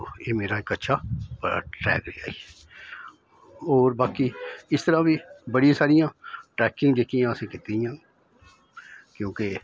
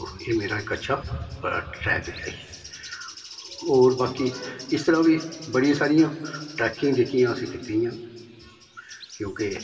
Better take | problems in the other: first | background sound (Bird); 19 dB below the speech // room echo; dies away in 2.2 s

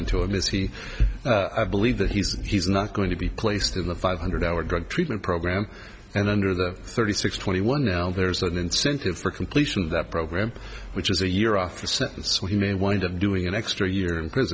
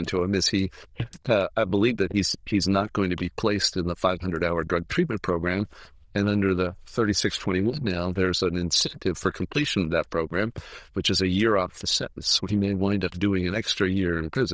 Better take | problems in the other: first | noise reduction (neural diffusion model UNIVERSE++)

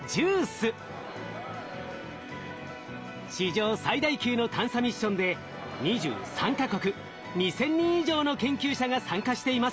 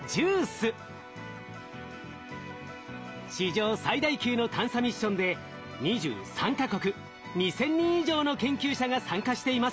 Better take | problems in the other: second | background sound (Crowd); 16 dB below the speech

